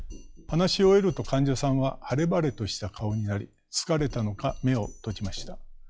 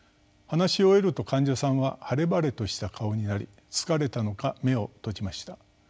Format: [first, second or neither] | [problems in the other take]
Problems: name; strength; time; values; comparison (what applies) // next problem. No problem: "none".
second | noise reduction (classical method log-MMSE)